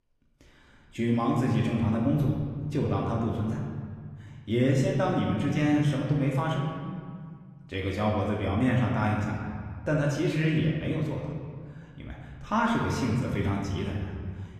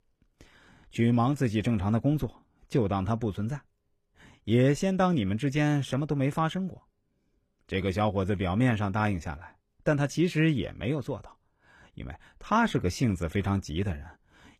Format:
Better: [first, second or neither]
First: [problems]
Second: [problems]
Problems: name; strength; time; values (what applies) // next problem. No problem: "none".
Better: second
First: room echo; noticeable; dies away in 1.8 s // off-mic speech; somewhat distant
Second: none